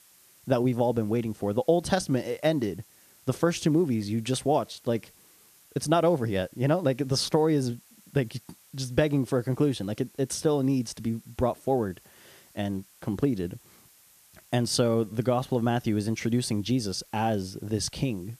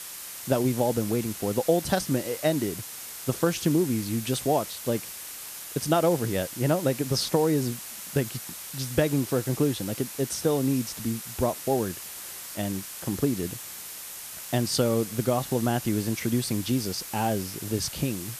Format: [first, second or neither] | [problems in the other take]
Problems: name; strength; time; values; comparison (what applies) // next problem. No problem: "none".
first | hiss; loud; throughout; 9 dB below the speech; faint in the first